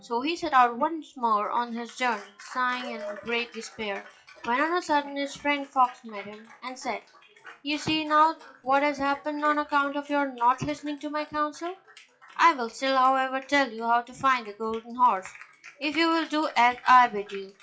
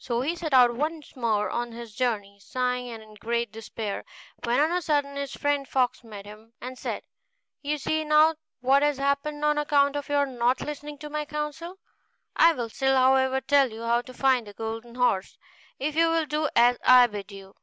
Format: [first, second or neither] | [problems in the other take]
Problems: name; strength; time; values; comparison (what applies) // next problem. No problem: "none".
second | noise reduction (classical method WPE with log-MMSE)